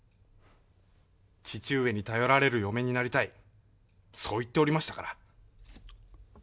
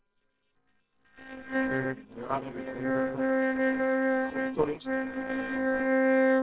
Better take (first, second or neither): first